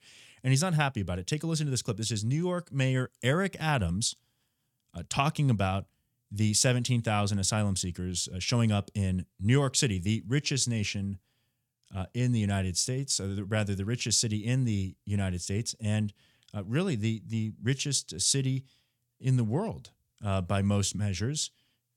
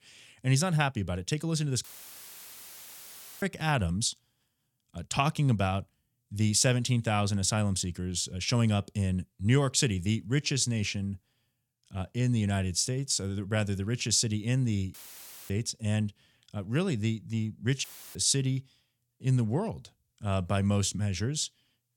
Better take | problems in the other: first | audio cutting out; filled with static; at 2 s for 1.5 s, at 15 s for 0.5 s and at 18 s

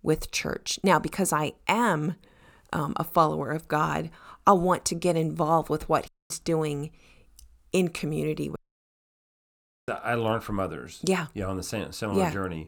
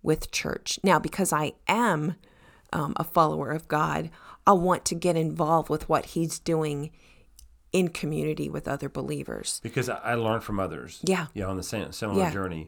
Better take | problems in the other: second | audio cutting out; at 6 s and at 8.5 s for 1.5 s

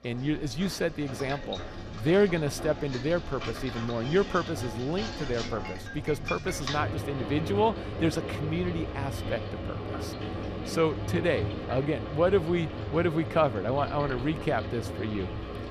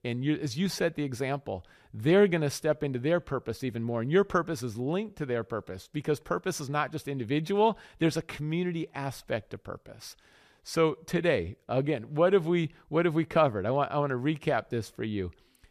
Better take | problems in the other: second | household noises; loud; throughout; 7 dB below the speech

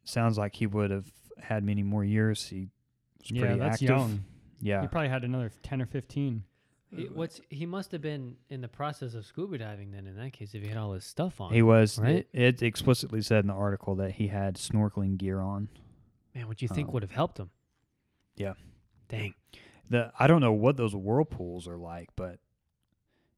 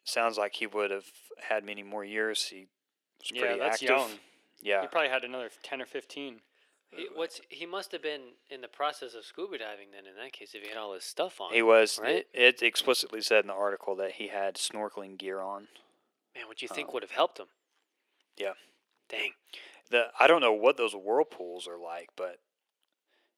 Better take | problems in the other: first | thin; very; fading below 400 Hz

